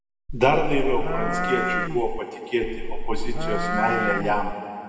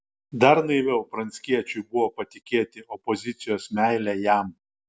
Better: second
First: background sound (Livestock, farm animals, working animals); 1 dB above the speech // room echo; dies away in 2.4 s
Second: none

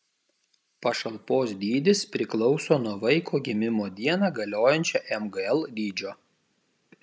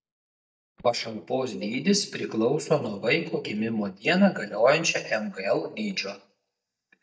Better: first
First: none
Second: noise reduction (neural mask model DeepFilterNet 3)

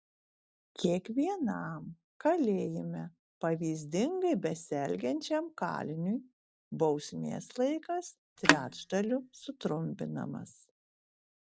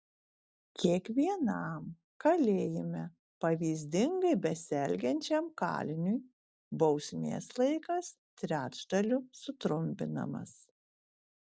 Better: second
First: background sound (Telephone); 2 dB above the speech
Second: none

